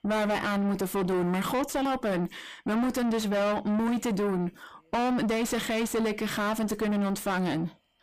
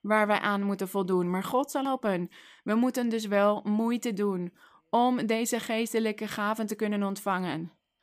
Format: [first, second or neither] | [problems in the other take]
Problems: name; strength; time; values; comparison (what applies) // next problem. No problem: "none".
second | distortion; heavy; 5 dB below the speech